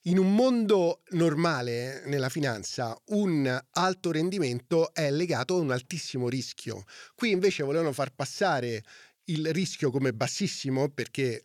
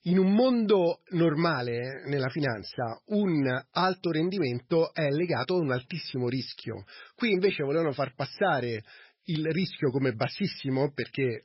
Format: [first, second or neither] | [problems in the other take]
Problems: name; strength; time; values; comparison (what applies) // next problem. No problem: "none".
first | garbled, watery; badly; nothing above 5.5 kHz